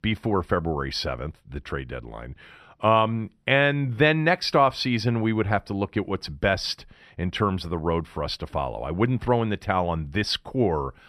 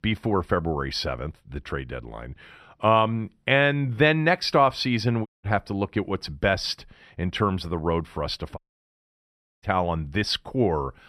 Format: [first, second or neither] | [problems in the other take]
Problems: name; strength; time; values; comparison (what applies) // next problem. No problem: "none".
first | audio cutting out; at 5.5 s and at 8.5 s for 1 s